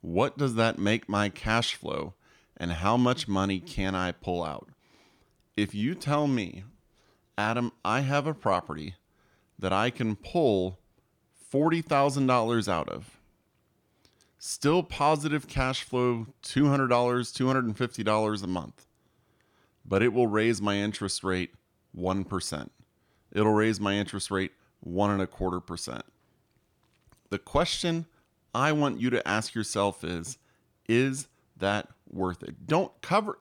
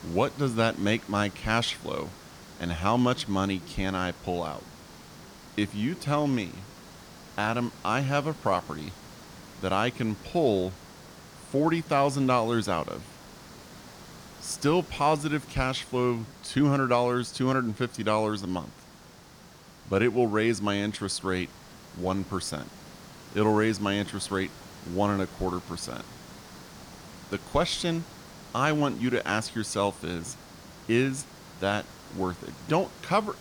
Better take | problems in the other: first | hiss; noticeable; throughout; 20 dB below the speech

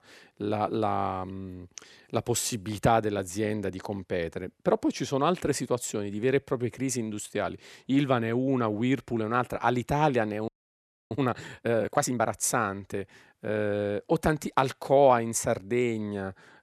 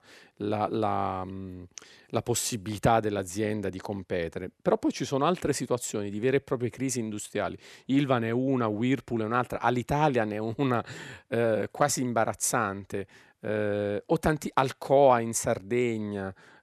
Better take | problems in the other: second | audio freezing; at 10 s for 0.5 s

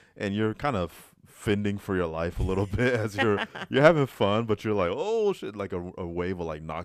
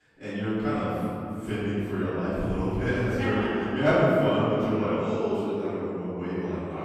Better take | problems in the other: first | off-mic speech; far // room echo; strong; dies away in 3 s

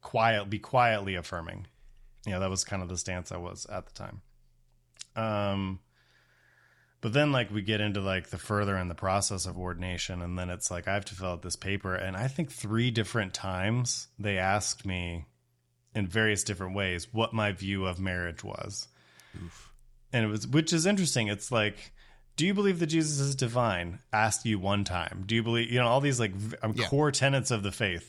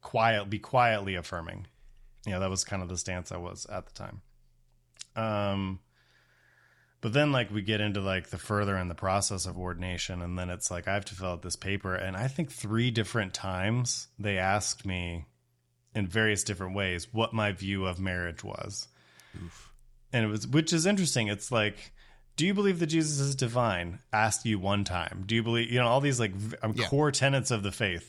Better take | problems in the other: neither | none

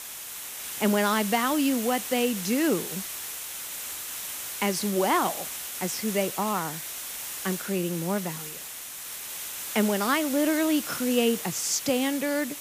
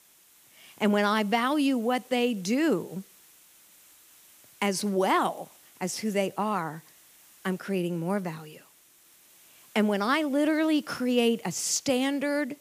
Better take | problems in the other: second | hiss; loud; throughout; 6 dB below the speech; faint in the second

